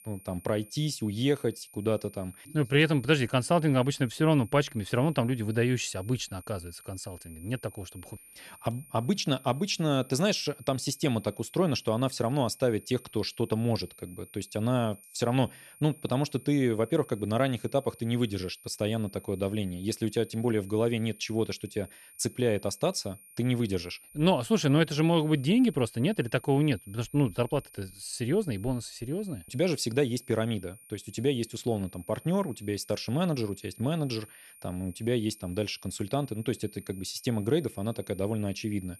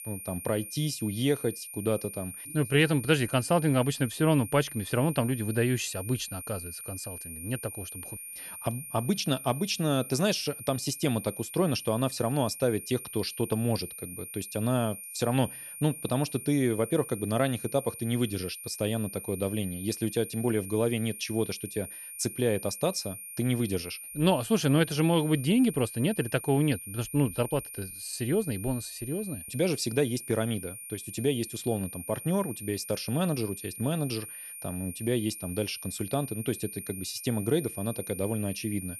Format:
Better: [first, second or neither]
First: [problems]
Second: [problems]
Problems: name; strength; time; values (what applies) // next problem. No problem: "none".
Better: first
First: high-pitched whine; faint; throughout; 9.5 kHz, 20 dB below the speech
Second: high-pitched whine; loud; throughout; 9.5 kHz, 10 dB below the speech